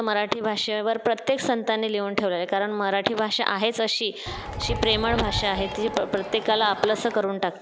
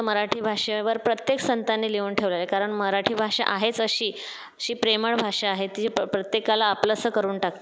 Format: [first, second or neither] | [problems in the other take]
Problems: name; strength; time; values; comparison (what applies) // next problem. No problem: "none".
second | background sound (Crowd); 8 dB below the speech